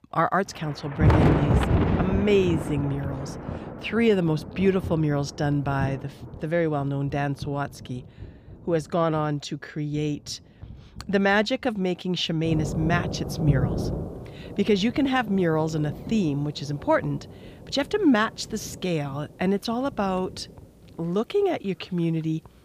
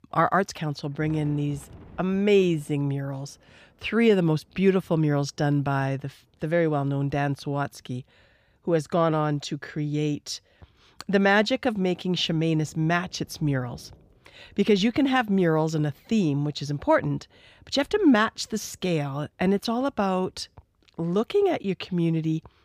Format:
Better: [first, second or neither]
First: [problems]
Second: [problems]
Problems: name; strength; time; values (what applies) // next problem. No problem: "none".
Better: second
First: rain or running water; loud; throughout; 3 dB below the speech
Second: rain or running water; faint; throughout; 30 dB below the speech